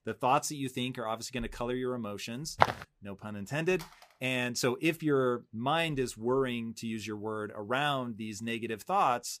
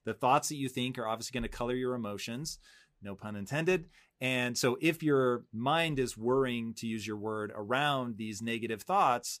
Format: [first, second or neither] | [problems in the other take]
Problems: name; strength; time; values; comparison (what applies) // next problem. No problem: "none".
second | footsteps; loud; at 2.5 s; peak 3 dB above the speech // phone ringing; faint; at 4 s; peak 20 dB below the speech